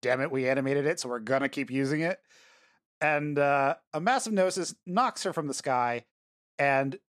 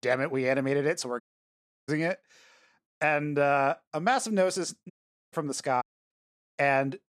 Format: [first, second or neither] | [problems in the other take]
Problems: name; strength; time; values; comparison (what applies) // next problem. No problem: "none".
first | audio cutting out; at 1 s for 0.5 s, at 5 s and at 6 s